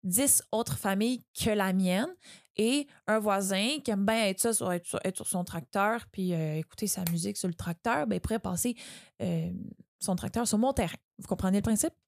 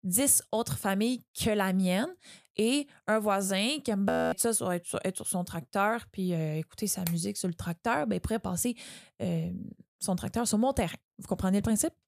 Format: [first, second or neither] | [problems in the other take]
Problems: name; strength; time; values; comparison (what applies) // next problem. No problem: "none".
first | audio freezing; at 4 s